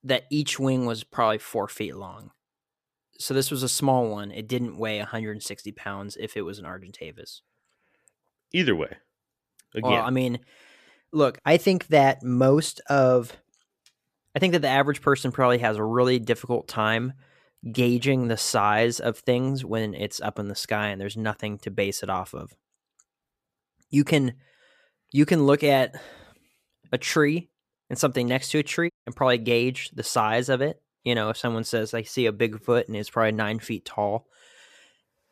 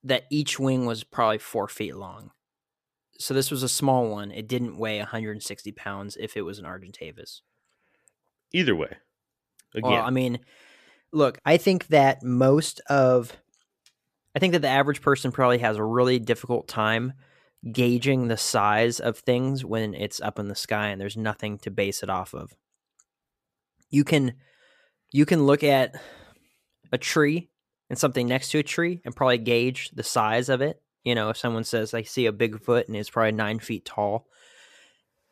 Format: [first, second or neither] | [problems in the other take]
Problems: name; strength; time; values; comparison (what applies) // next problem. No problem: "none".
second | audio cutting out; at 29 s